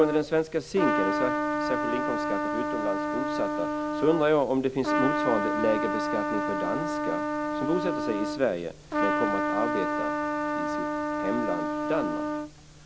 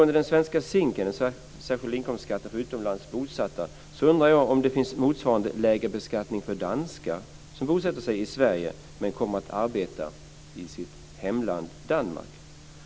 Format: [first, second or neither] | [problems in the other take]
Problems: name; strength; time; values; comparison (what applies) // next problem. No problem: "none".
second | background sound (Trumpet); 1 dB above the speech